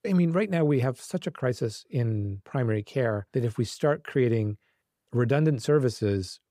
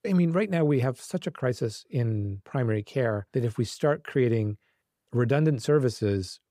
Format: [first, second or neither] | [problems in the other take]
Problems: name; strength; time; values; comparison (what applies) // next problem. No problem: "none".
neither | none